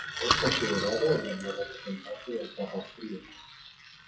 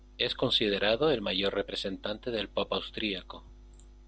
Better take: second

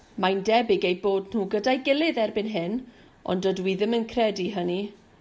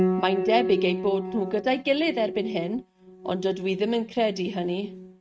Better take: first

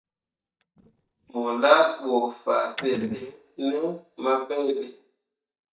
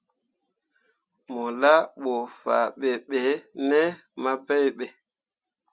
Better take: second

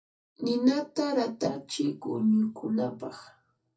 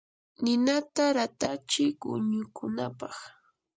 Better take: second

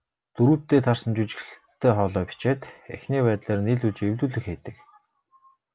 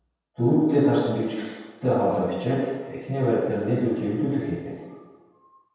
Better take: first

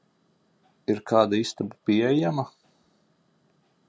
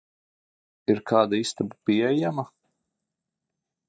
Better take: first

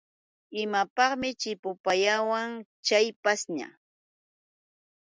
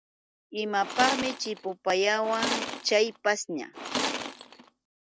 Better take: first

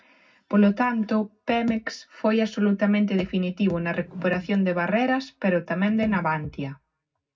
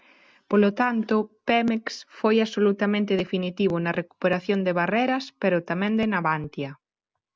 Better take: second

